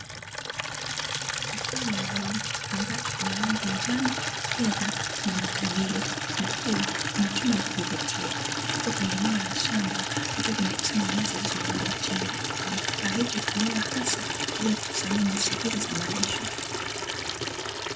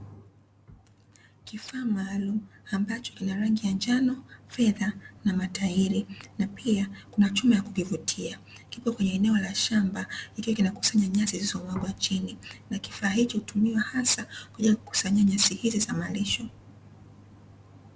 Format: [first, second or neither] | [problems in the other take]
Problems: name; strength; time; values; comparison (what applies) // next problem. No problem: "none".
second | background sound (Water tap, faucet / Liquid); 1 dB above the speech